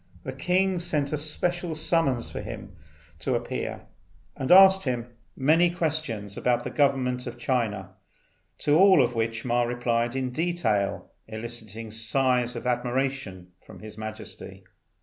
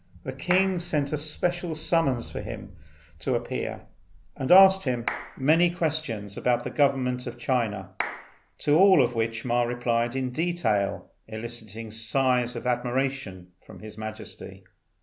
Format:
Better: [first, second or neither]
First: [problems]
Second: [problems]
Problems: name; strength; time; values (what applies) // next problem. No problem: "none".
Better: first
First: none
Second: background sound (Clapping); 12 dB below the speech